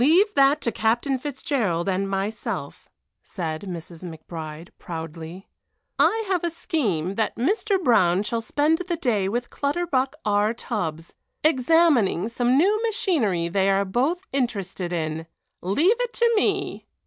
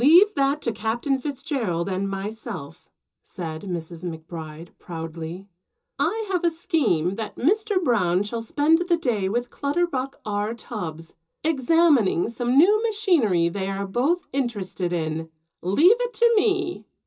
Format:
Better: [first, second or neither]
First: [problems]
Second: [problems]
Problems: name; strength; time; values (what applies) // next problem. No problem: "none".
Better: first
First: none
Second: room echo; dies away in 0.2 s